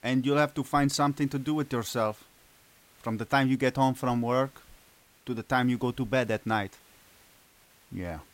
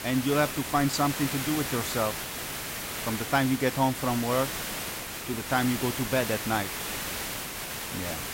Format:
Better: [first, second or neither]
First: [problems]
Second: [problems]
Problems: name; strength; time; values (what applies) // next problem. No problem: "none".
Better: first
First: hiss; faint; throughout; 30 dB below the speech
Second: hiss; loud; throughout; 4 dB below the speech